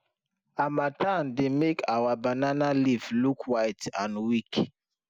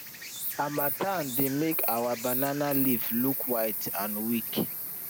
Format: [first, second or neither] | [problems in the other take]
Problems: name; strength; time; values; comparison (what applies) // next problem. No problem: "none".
first | background sound (Insect); 2 dB below the speech